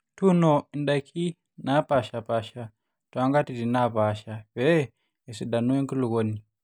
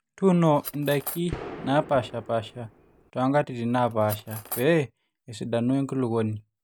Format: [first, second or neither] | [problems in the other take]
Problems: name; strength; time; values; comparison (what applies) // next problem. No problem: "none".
first | background sound (Cutlery, silverware + Gunshot, gunfire); 13 dB below the speech